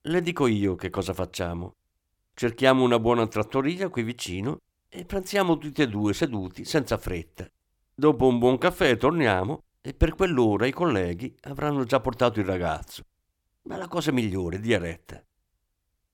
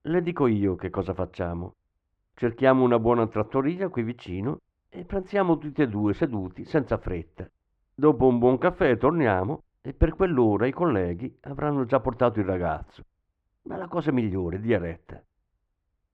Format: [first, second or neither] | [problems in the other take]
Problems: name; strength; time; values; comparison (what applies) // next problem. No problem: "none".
first | muffled; very; fading above 1.5 kHz